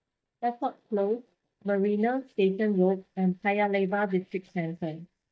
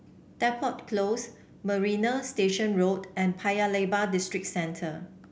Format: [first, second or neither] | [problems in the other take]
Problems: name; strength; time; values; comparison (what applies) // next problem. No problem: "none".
second | noise reduction (neural mask model DeepFilterNet 3)